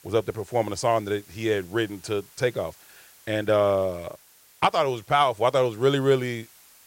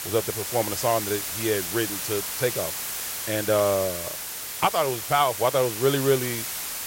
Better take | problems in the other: first | hiss; loud; throughout; 4 dB below the speech; faint in the first

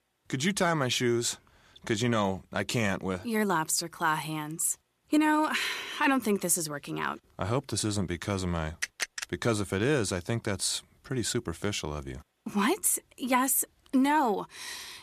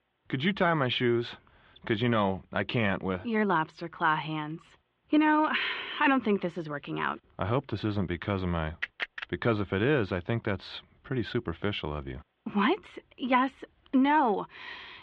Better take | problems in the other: first | muffled; very; fading above 3.5 kHz

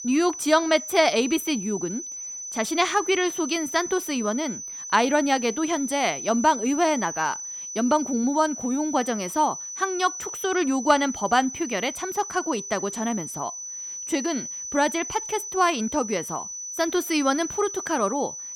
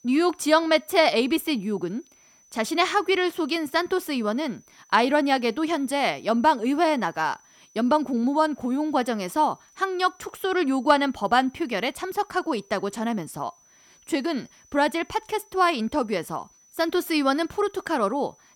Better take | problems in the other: second | high-pitched whine; loud; throughout; 6 kHz, 8 dB below the speech; faint in the second

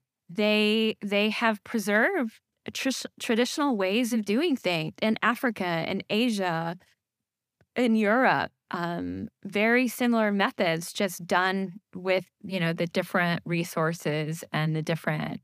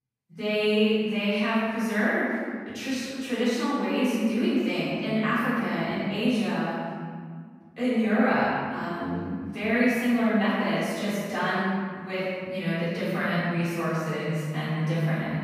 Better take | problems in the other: first | room echo; strong; dies away in 1.9 s // off-mic speech; far

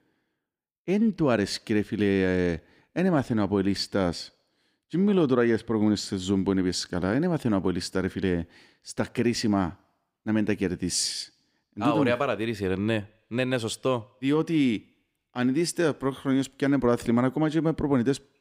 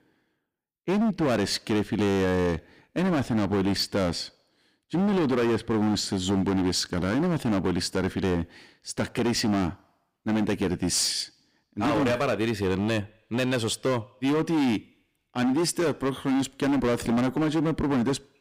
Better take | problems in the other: first | distortion; heavy; 20% of the sound clipped

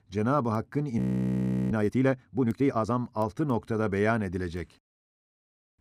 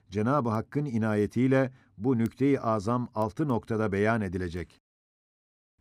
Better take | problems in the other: second | audio freezing; at 1 s for 0.5 s

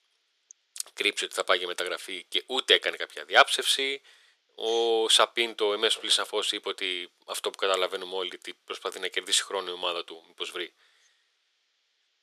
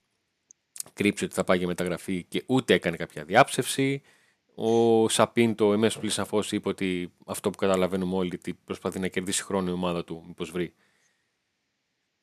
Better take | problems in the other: second | thin; very; fading below 400 Hz

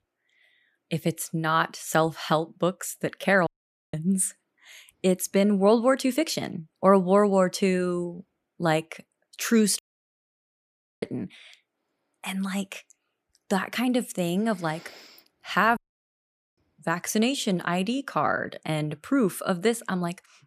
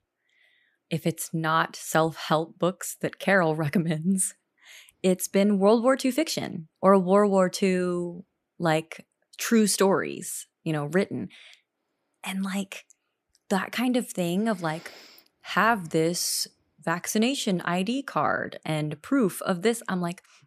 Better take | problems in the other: second | audio cutting out; at 3.5 s, at 10 s for 1 s and at 16 s for 1 s

